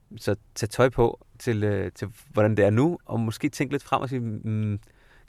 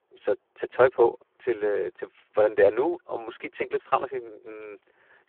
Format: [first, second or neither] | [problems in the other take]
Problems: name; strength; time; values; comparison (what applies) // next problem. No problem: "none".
first | phone-call audio; poor line